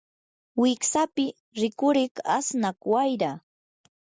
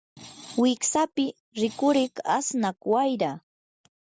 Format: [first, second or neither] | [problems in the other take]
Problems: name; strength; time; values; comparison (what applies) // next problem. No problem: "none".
first | background sound (Screech); 19 dB below the speech